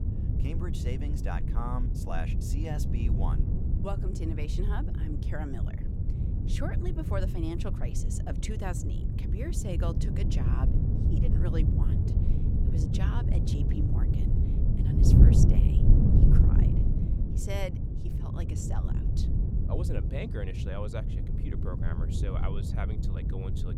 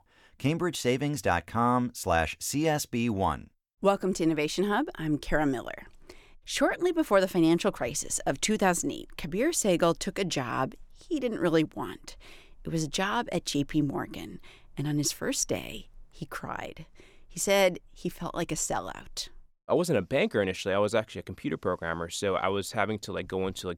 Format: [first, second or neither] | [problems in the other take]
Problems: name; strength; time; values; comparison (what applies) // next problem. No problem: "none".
second | wind noise on the microphone; heavy; as loud as the speech